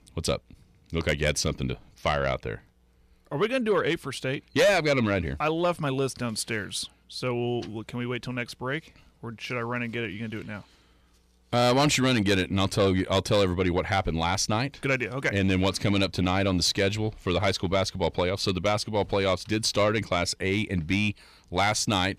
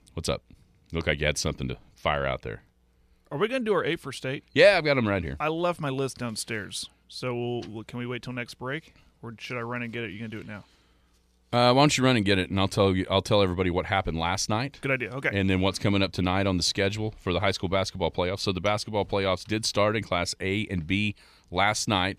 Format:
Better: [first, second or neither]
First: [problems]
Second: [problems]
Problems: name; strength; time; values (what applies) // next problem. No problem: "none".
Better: second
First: distortion; slight; 10 dB below the speech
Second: none